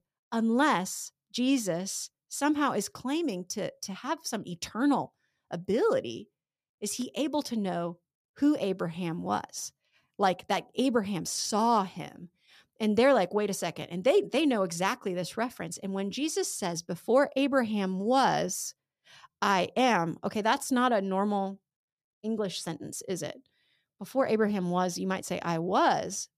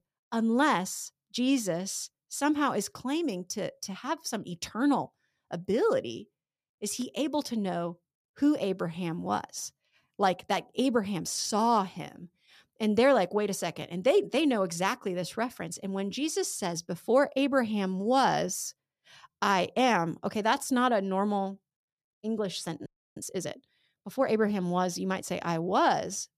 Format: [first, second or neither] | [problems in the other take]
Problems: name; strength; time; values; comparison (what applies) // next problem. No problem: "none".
first | audio freezing; at 23 s